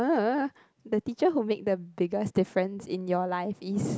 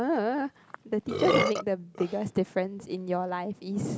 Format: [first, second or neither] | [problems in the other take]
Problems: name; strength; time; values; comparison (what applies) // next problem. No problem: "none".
first | background sound (Burping, eructation); 4 dB below the speech